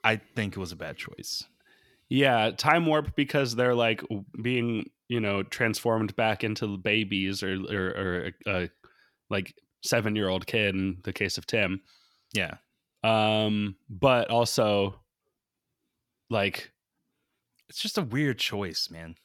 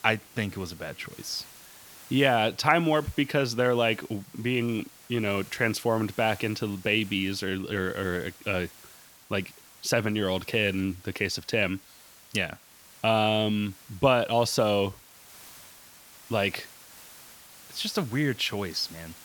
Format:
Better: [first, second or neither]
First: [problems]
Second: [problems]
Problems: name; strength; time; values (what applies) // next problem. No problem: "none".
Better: first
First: none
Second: hiss; faint; throughout; 20 dB below the speech